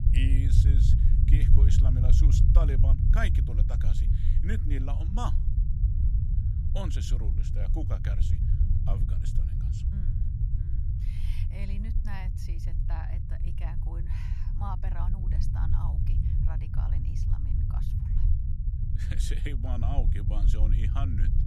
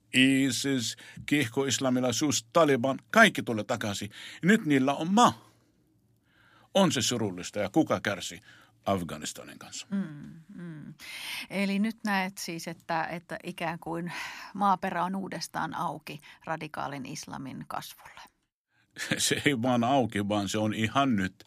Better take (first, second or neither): second